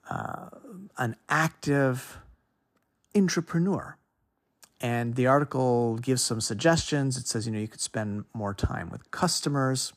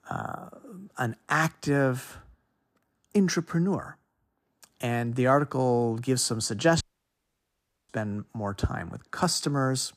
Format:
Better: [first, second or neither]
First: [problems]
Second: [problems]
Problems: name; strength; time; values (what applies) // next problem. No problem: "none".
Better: first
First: none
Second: audio cutting out; at 7 s for 1 s